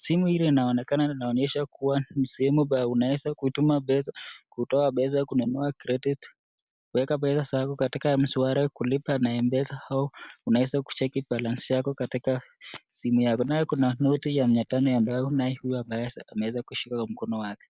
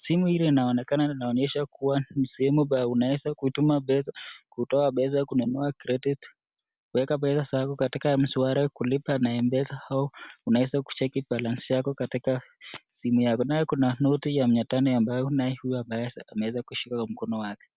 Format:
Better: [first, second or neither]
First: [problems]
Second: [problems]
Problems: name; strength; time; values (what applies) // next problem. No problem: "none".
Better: second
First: noise reduction (neural mask model Resemble Enhance denoiser)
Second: none